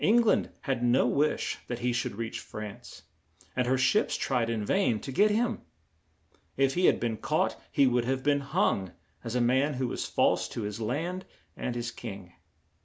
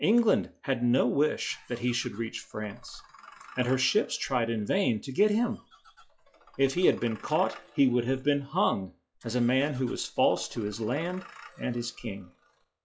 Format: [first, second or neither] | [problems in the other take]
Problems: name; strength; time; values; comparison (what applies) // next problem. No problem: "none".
first | noise reduction (classical method log-MMSE)